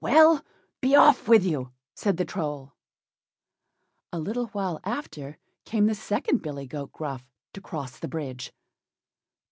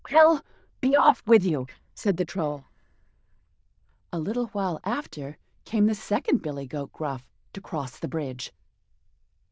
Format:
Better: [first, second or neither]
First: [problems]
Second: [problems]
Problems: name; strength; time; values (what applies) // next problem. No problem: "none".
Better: first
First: none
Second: noise reduction (neural diffusion model UNIVERSE++)